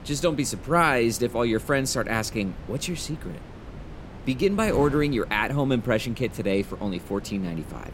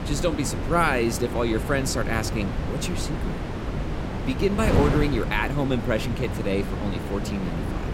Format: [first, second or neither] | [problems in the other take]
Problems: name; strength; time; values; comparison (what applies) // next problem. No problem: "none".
first | wind noise on the microphone; heavy; 7 dB below the speech; occasional gusts in the first